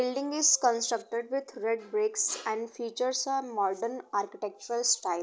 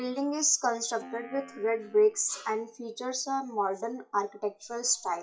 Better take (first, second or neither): first